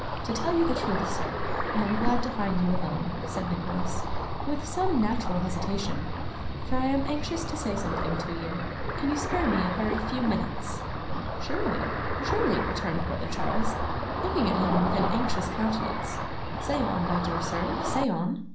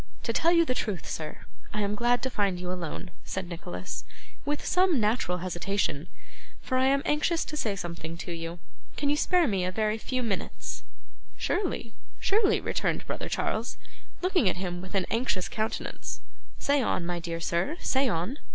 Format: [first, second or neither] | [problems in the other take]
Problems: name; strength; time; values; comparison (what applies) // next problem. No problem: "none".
second | background sound (Ocean); as loud as the speech // room echo; dies away in 0.6 s